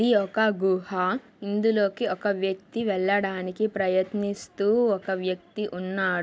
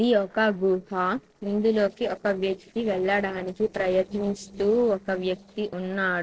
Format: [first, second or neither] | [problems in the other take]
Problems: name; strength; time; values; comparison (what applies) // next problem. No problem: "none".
first | noise reduction (neural separator model SepFormer DNS4)